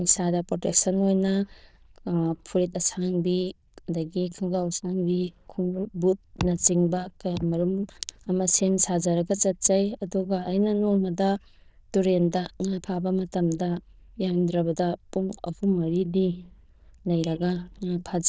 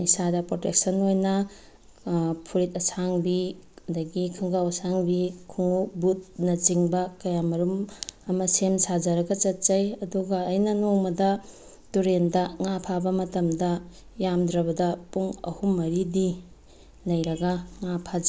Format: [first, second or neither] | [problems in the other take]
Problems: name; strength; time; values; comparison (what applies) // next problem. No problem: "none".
second | noise reduction (neural diffusion model UNIVERSE++)